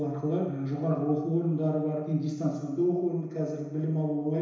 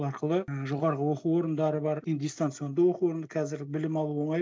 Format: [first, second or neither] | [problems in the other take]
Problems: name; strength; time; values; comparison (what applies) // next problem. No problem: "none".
second | room echo; dies away in 1 s